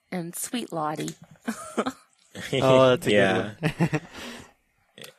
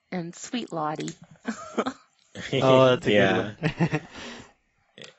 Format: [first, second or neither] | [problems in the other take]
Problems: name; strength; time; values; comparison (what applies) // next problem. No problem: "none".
first | garbled, watery; badly; nothing above 7.5 kHz; slightly in the first